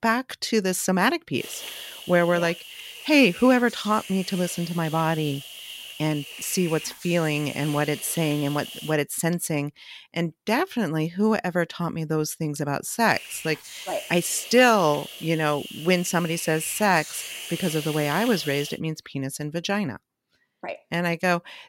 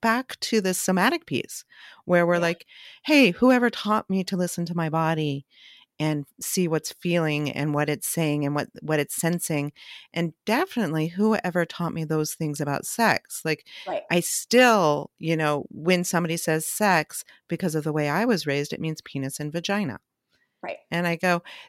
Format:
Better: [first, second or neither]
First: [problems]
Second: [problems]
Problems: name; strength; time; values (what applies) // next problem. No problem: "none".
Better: second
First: hiss; noticeable; from 1.5 to 9 s and from 13 to 19 s; 10 dB below the speech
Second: none